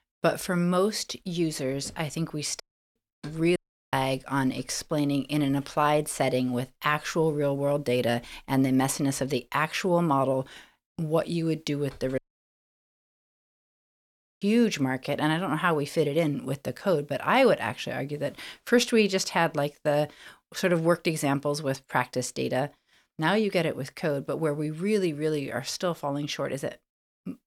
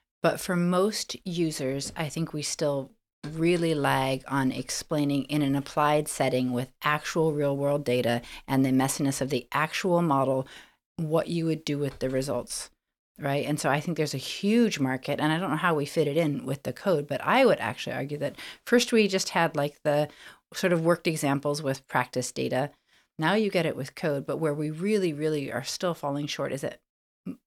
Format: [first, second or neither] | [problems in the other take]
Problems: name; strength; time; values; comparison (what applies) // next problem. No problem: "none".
second | audio cutting out; at 2.5 s, at 3.5 s and at 12 s for 2 s